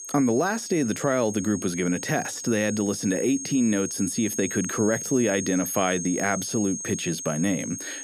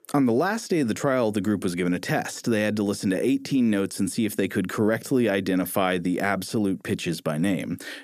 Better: second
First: high-pitched whine; loud; throughout; 6.5 kHz, 7 dB below the speech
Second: none

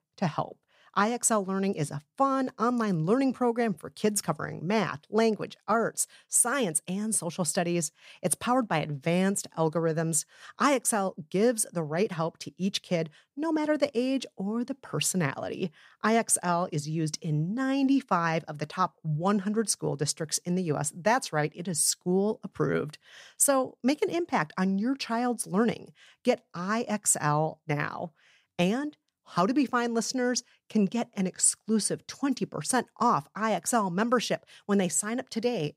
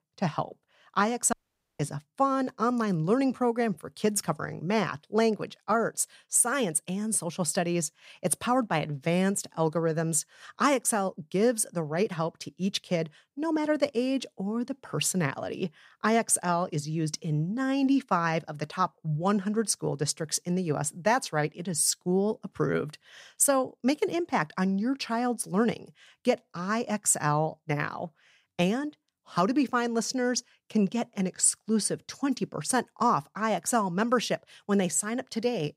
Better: first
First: none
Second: audio cutting out; at 1.5 s

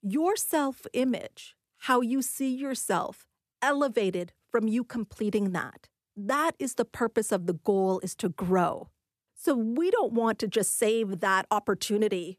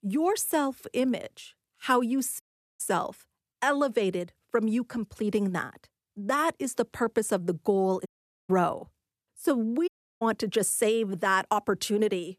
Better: first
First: none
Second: audio cutting out; at 2.5 s, at 8 s and at 10 s

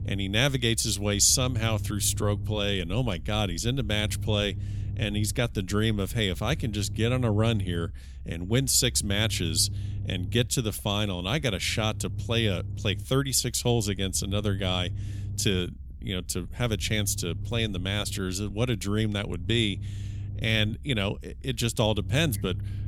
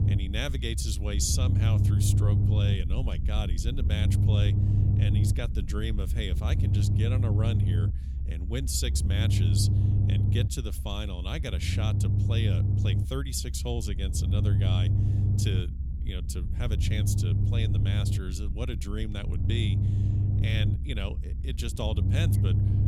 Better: first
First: low rumble; faint; throughout; 20 dB below the speech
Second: low rumble; loud; throughout; 3 dB below the speech

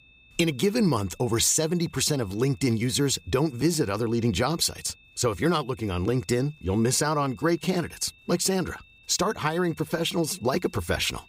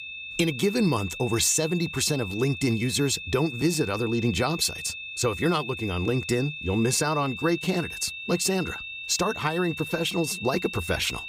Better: first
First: high-pitched whine; faint; throughout; 2.5 kHz, 30 dB below the speech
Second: high-pitched whine; loud; throughout; 2.5 kHz, 8 dB below the speech

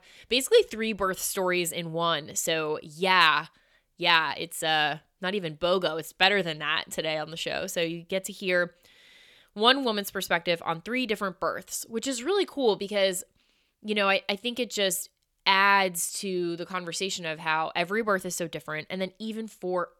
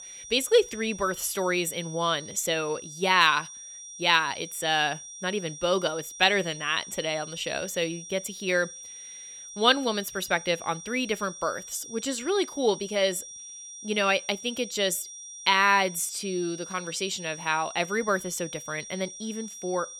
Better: first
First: none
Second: high-pitched whine; noticeable; throughout; 5.5 kHz, 15 dB below the speech

